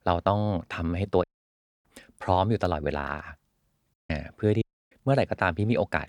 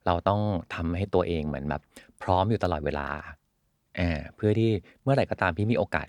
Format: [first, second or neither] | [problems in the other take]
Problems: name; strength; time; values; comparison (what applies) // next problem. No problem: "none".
second | audio cutting out; at 1 s for 0.5 s, at 4 s and at 4.5 s